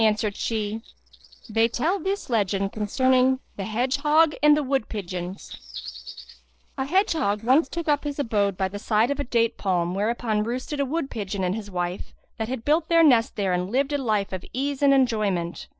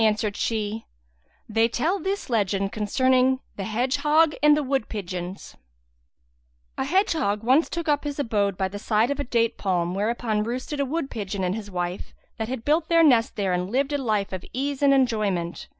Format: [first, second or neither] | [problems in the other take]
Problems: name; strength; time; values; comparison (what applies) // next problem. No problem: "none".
second | noise reduction (neural separator model SepFormer DNS4)